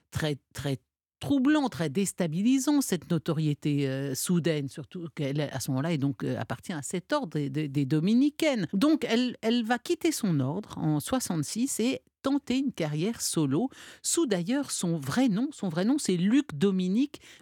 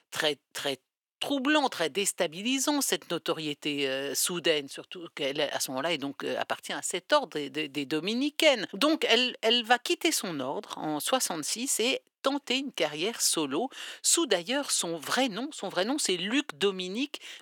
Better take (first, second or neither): first